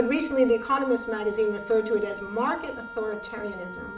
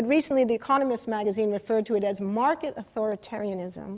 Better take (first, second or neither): second